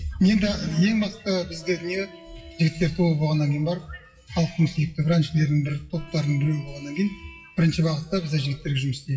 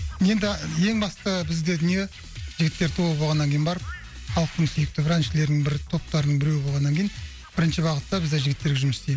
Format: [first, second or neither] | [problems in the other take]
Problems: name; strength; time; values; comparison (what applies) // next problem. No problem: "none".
second | noise reduction (classical method WPE with log-MMSE)